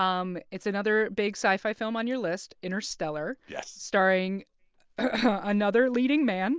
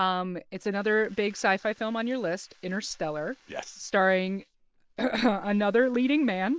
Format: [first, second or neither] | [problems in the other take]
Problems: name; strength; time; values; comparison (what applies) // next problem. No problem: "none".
first | noise reduction (neural mask model Resemble Enhance denoiser)